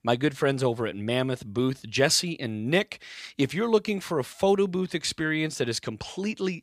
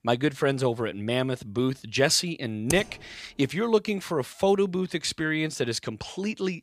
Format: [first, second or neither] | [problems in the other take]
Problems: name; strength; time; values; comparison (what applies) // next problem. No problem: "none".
first | keyboard typing; noticeable; at 2.5 s; peak 7 dB below the speech